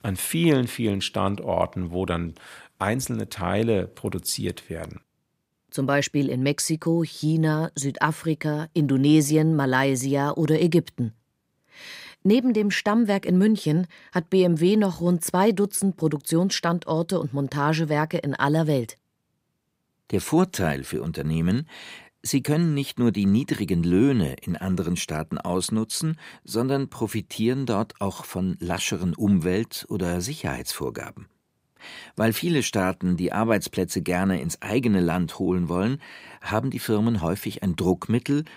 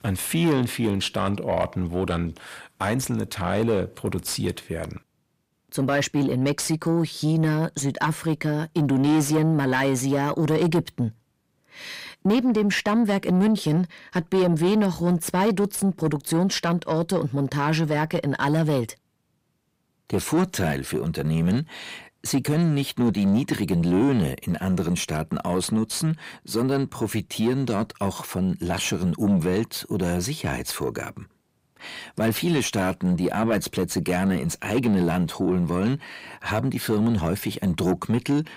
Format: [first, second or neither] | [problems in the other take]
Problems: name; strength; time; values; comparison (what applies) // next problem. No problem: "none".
first | distortion; slight; 10 dB below the speech